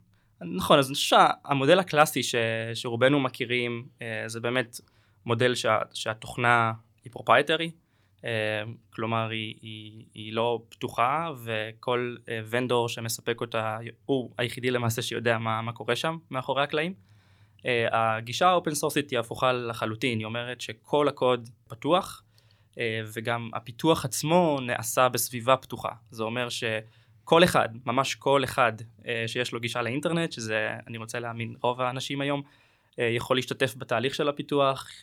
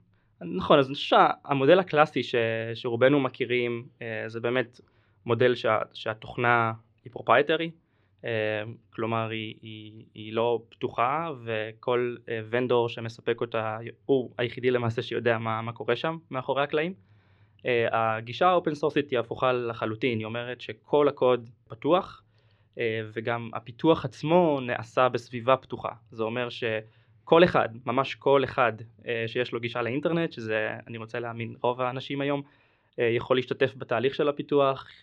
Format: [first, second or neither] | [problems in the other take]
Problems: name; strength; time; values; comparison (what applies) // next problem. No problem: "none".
first | muffled; slightly; fading above 3.5 kHz